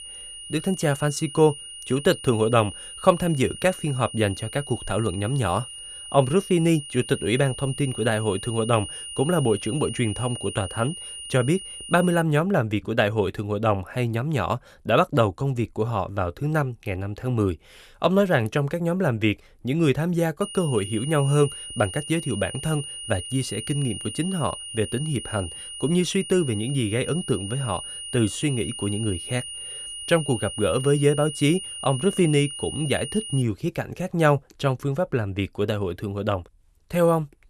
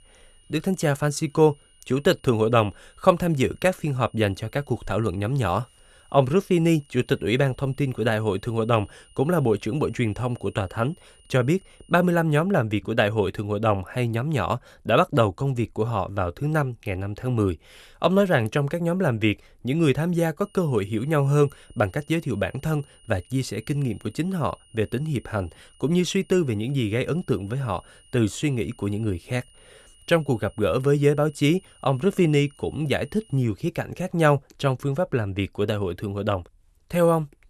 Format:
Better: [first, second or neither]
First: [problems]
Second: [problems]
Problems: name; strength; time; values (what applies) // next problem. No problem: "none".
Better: second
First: high-pitched whine; loud; until 12 s and from 20 to 33 s; 3 kHz, 10 dB below the speech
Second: high-pitched whine; faint; until 12 s and from 20 to 33 s; 3 kHz, 30 dB below the speech